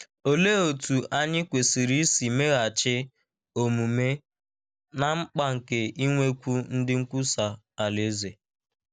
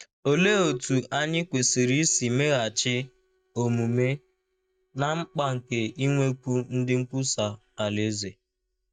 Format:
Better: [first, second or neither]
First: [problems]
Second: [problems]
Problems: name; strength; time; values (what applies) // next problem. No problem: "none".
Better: first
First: none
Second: noise reduction (neural mask model DeepFilterNet 3)